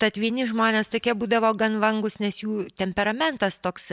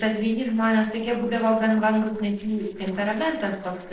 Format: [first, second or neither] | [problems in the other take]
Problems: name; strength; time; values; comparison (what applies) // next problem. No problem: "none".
first | noise reduction (neural separator model SepFormer DNS4)